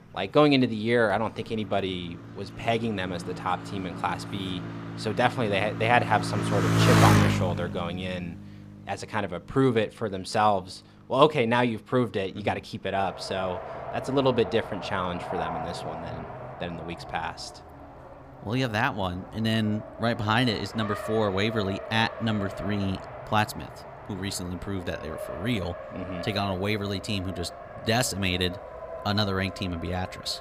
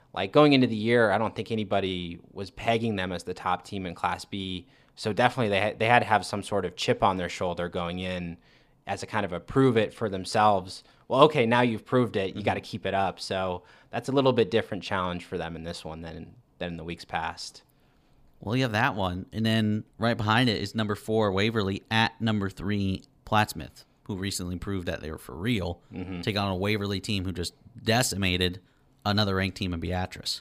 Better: second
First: traffic noise; loud; throughout; 5 dB below the speech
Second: none

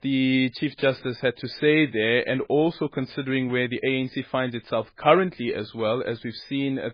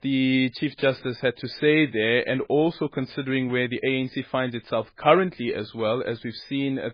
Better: neither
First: garbled, watery; badly; nothing above 5 kHz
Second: garbled, watery; badly; nothing above 5 kHz

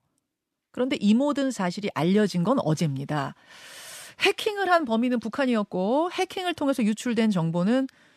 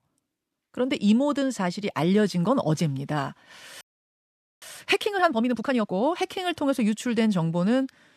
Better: first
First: none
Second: audio freezing; at 4 s for 1 s

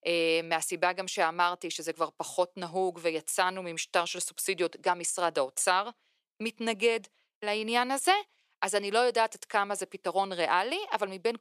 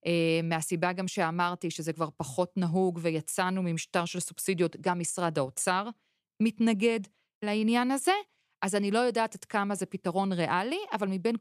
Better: second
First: thin; somewhat; fading below 500 Hz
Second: none

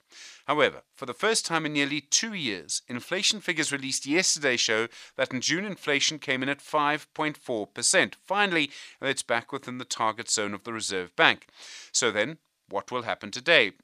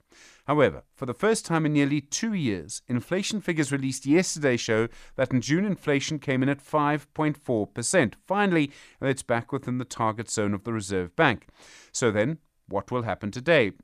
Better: second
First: thin; somewhat; fading below 1 kHz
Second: none

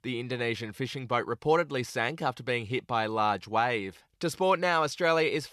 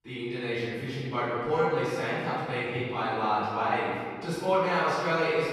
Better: first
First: none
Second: off-mic speech; far // room echo; strong; dies away in 1.8 s

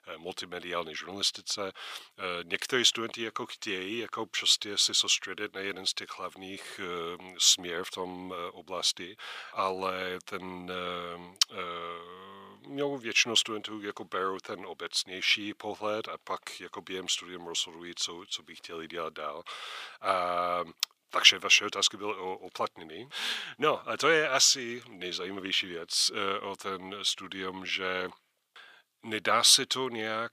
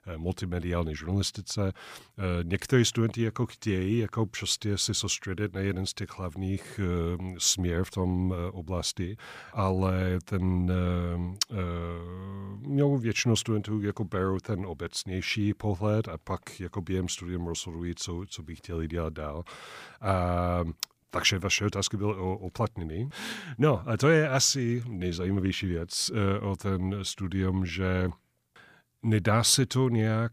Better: second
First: thin; very; fading below 450 Hz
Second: none

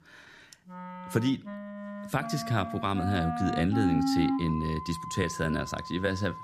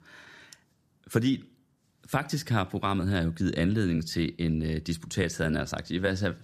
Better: second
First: background music; loud; throughout; 4 dB below the speech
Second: none

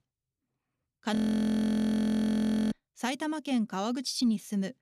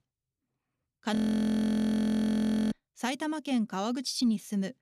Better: neither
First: audio freezing; at 1 s for 1.5 s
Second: audio freezing; at 1 s for 1.5 s

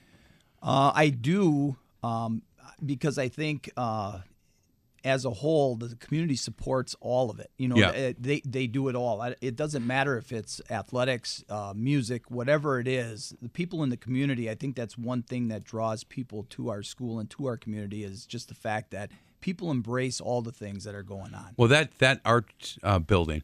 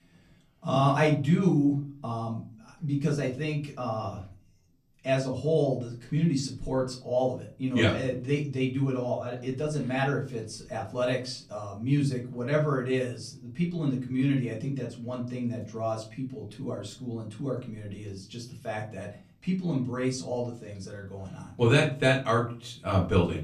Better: first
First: none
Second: off-mic speech; far // room echo; very slight; dies away in 0.3 s

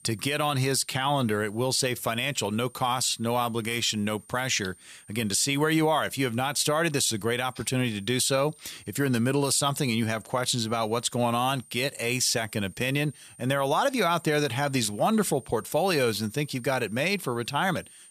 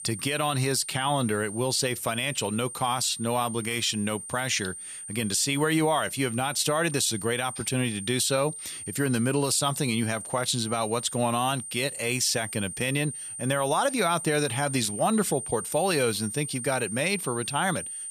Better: first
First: high-pitched whine; faint; throughout; 9 kHz, 25 dB below the speech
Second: high-pitched whine; loud; throughout; 9 kHz, 9 dB below the speech

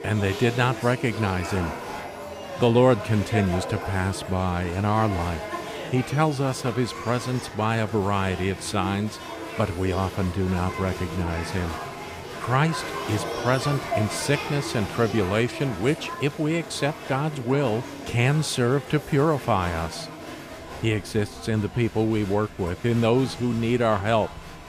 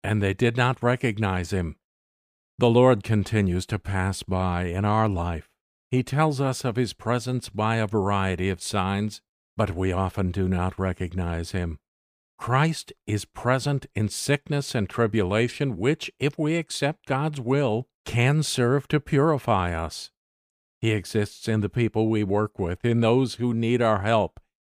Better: second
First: crowd noise; loud; throughout; 9 dB below the speech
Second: none

